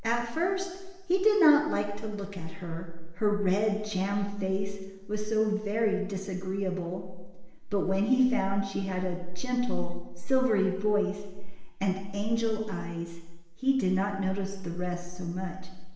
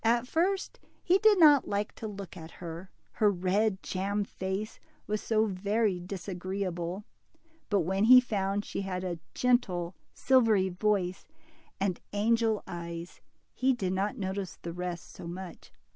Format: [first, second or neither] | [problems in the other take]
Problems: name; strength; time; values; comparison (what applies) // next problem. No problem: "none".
second | room echo; dies away in 1 s